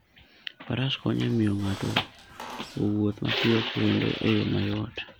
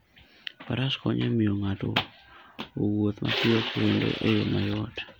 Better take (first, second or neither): second